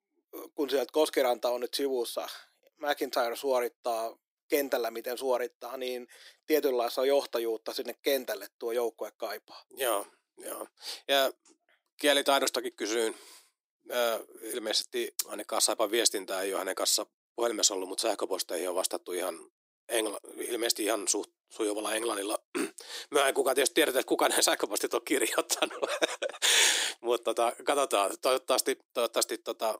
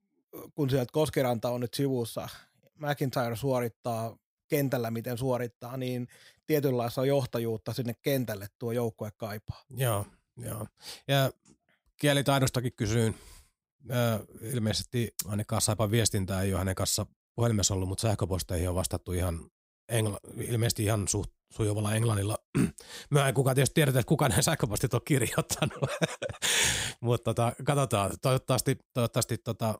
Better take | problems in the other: second | thin; very; fading below 300 Hz

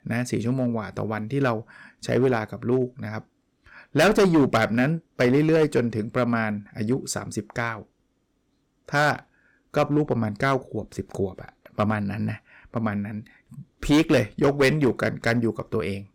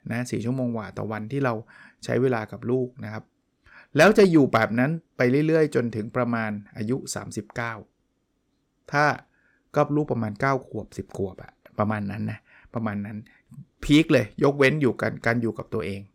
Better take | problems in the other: second | distortion; slight; 4% of the sound clipped

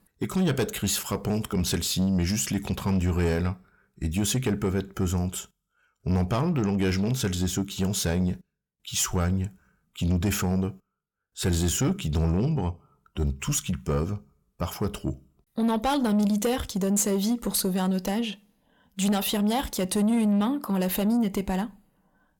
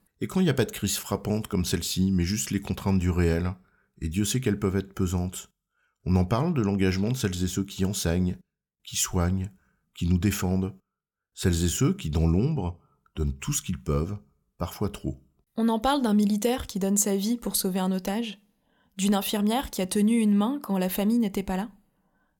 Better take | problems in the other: second | distortion; slight; 10 dB below the speech

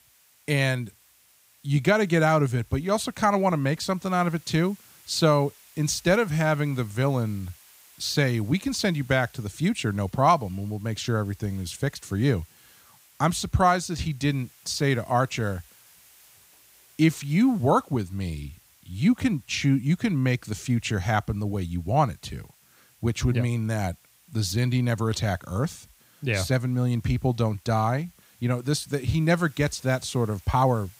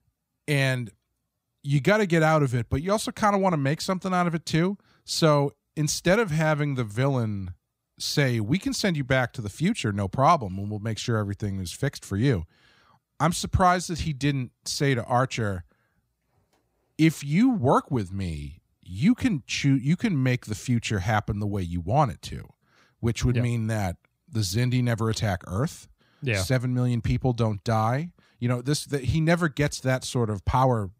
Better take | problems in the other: second | hiss; faint; throughout; 30 dB below the speech

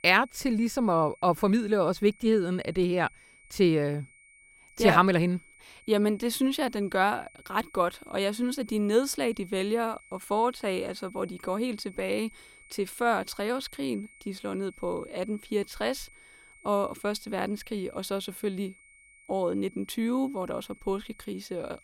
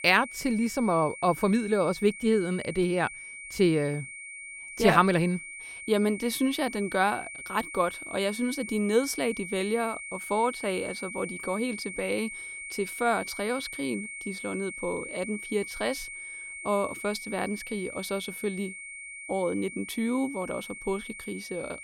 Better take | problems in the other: first | high-pitched whine; loud; throughout; 2 kHz, 10 dB below the speech; faint in the first

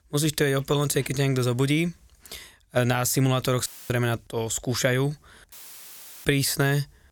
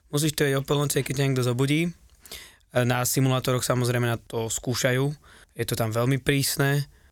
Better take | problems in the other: second | audio cutting out; filled with static; at 3.5 s and at 5.5 s for 0.5 s

